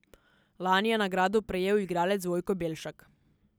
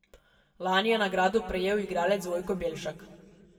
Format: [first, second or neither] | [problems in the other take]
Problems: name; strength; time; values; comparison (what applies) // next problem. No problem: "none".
first | room echo; dies away in 1.5 s